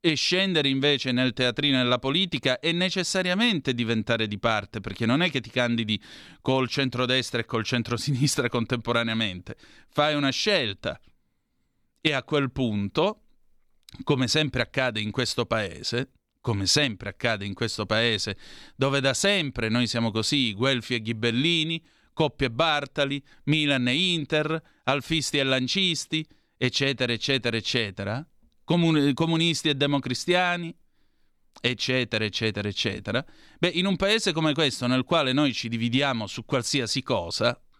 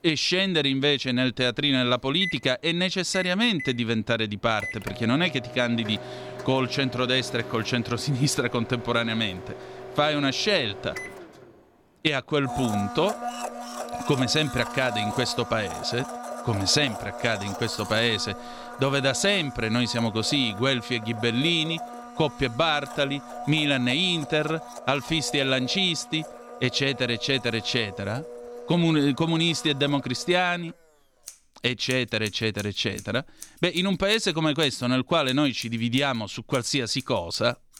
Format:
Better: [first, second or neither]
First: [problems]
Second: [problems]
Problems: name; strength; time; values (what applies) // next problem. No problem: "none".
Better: first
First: none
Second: household noises; noticeable; throughout; 15 dB below the speech